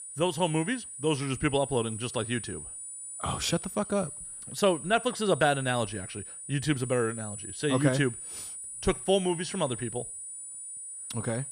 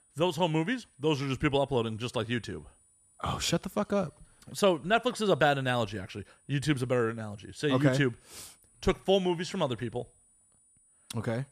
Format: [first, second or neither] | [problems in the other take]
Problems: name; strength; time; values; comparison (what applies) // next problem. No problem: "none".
second | high-pitched whine; loud; throughout; 9.5 kHz, 9 dB below the speech; faint in the second